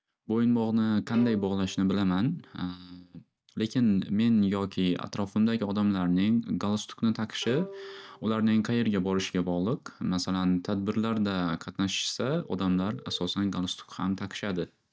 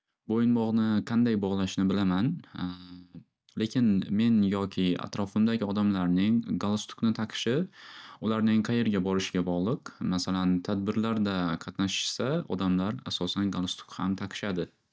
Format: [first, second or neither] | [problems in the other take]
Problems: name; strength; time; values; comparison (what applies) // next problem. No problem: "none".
second | background sound (Telephone + Bowed string instrument); 19 dB below the speech